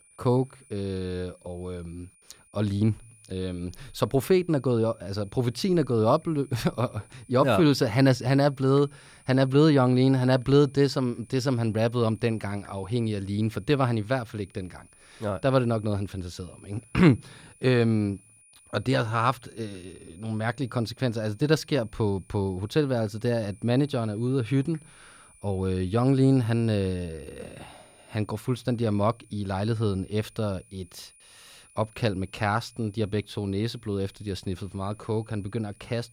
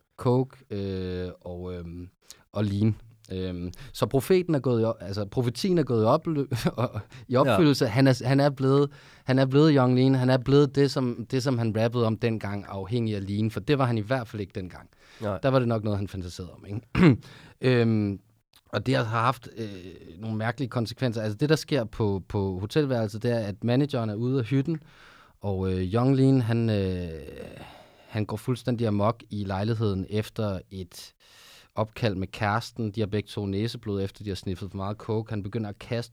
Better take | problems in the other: second | high-pitched whine; faint; throughout; 9.5 kHz, 30 dB below the speech

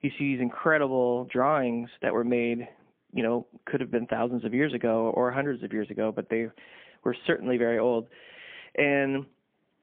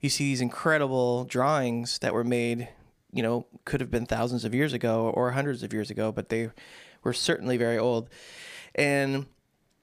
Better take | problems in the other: second | phone-call audio; poor line

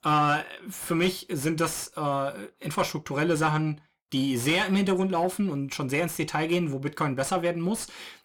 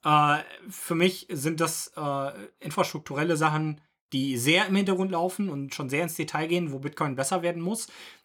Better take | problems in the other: second | distortion; slight; 10 dB below the speech

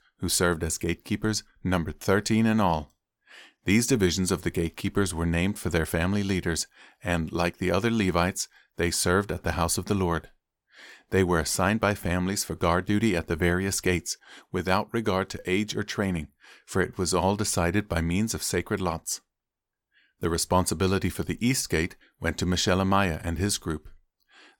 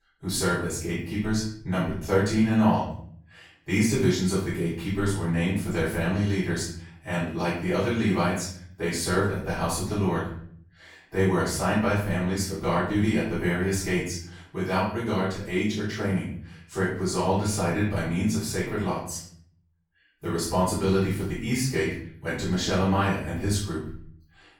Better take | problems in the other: first | off-mic speech; far // room echo; noticeable; dies away in 0.6 s

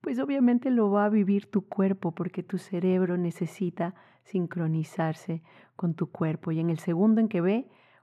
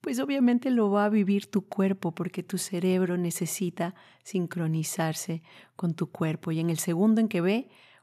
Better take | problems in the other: second | muffled; very; fading above 3.5 kHz

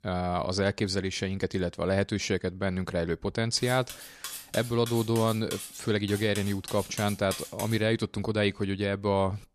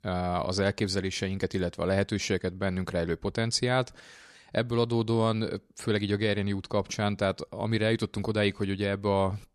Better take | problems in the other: second | clattering dishes; noticeable; from 3.5 to 8 s; peak 8 dB below the speech

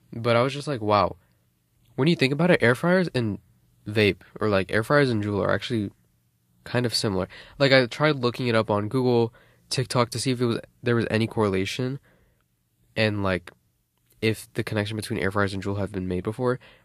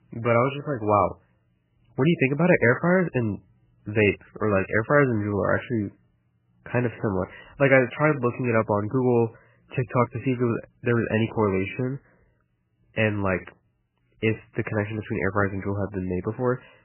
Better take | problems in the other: first | garbled, watery; badly; nothing above 3 kHz

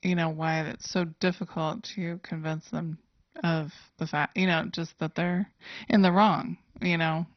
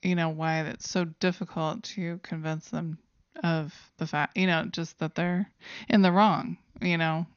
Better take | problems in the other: second | garbled, watery; badly; nothing above 6 kHz; slightly in the second

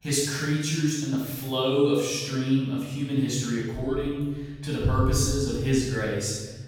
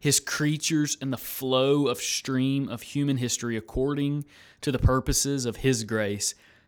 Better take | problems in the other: second | room echo; strong; dies away in 1.3 s // off-mic speech; far

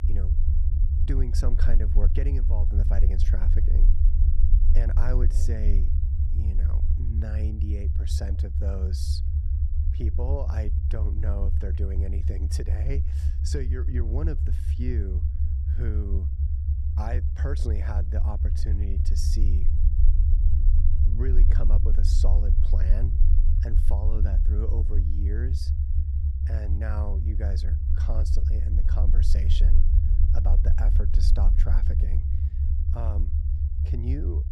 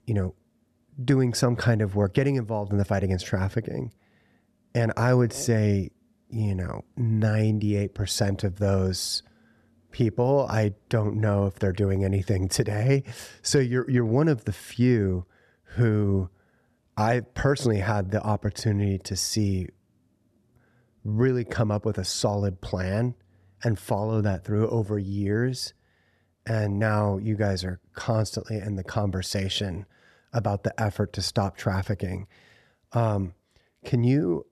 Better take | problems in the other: second | low rumble; loud; throughout; 3 dB below the speech

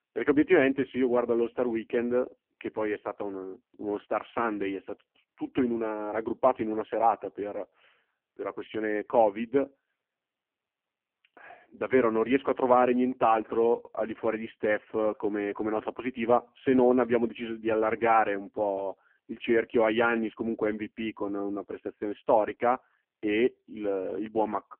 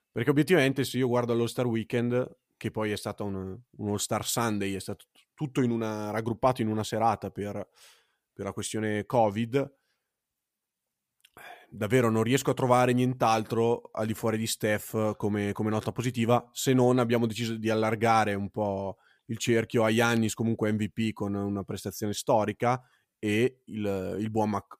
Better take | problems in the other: second | phone-call audio; poor line; nothing above 3 kHz

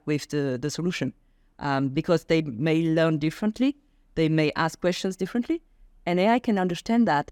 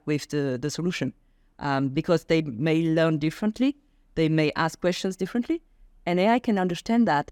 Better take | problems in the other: neither | none

